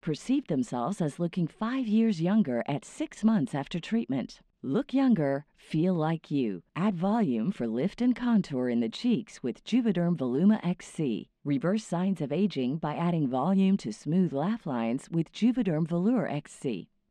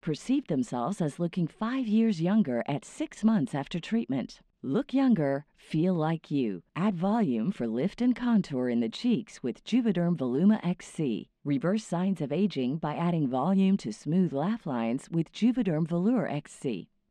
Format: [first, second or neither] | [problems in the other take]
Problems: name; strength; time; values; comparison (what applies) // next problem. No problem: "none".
neither | muffled; slightly; fading above 3 kHz; the same in both